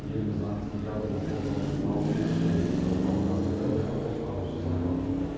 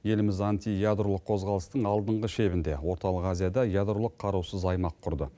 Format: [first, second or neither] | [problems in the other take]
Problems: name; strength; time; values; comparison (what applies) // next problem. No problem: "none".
second | background sound (Car passing by / Traffic noise, roadway noise / Engine); 3 dB above the speech // room echo; dies away in 1.2 s